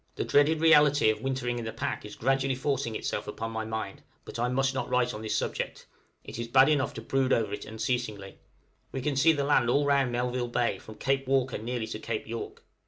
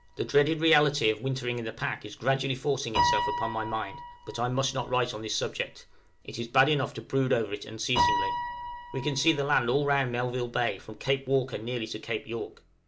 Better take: first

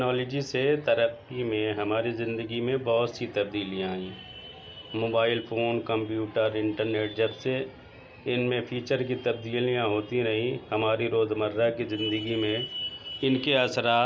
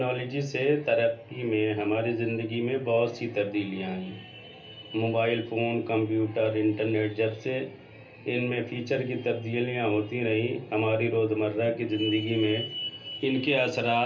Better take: first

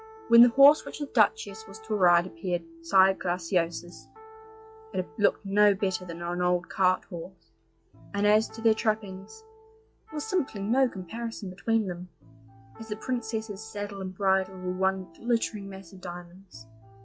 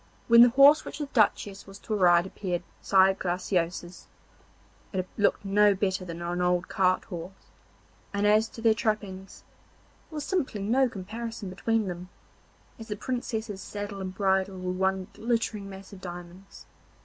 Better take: second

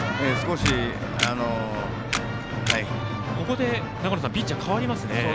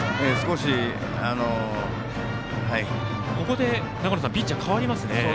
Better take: second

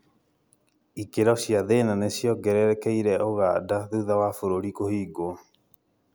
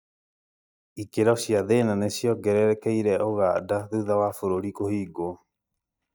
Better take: first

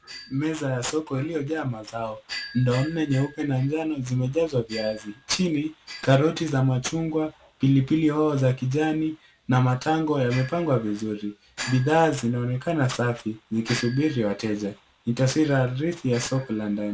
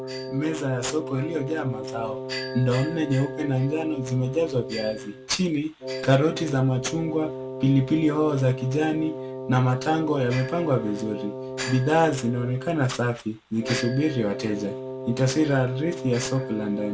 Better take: first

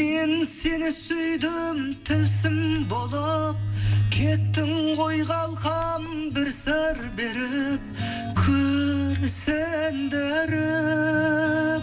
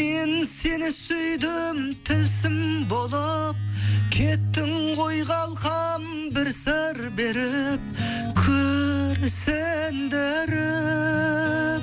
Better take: second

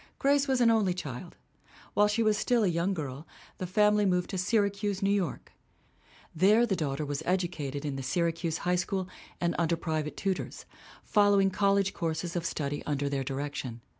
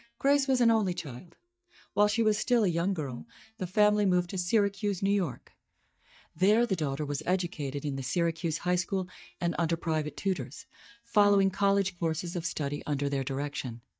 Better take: first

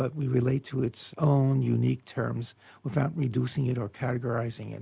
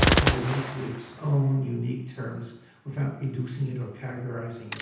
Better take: first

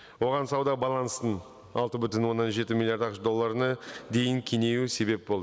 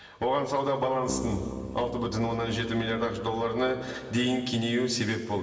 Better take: first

